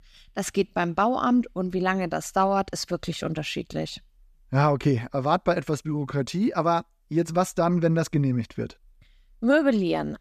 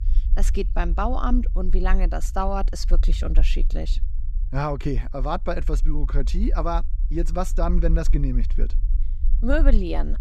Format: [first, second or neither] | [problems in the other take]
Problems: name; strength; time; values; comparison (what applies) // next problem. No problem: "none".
first | low rumble; faint; throughout; 20 dB below the speech